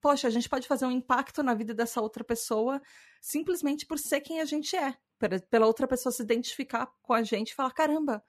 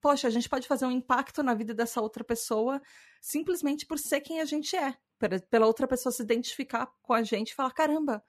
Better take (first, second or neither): neither